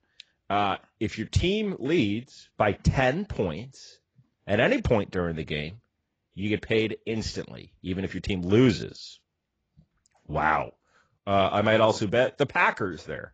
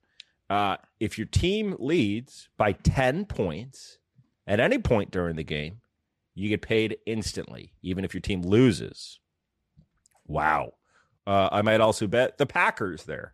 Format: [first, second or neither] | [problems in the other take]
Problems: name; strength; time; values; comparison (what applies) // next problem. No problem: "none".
second | garbled, watery; badly; nothing above 7.5 kHz